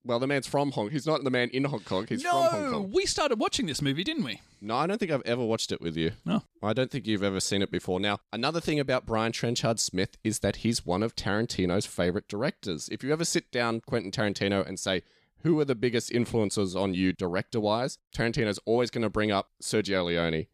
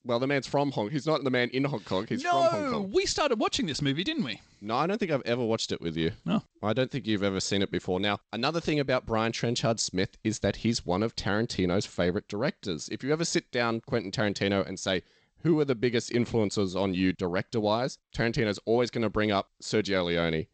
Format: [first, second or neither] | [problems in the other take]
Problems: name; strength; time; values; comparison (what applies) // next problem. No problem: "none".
first | garbled, watery; slightly; nothing above 8 kHz